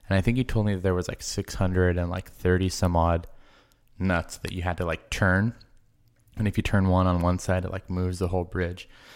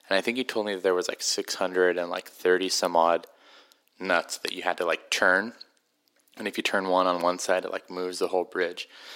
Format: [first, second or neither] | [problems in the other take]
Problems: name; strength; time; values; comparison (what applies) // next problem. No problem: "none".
first | thin; very; fading below 300 Hz